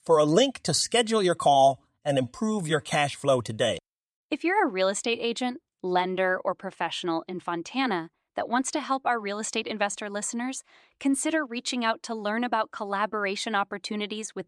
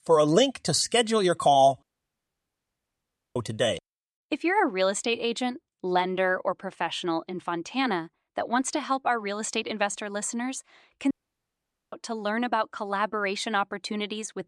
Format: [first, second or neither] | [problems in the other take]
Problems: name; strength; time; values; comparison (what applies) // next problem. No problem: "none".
first | audio cutting out; at 2 s for 1.5 s and at 11 s for 1 s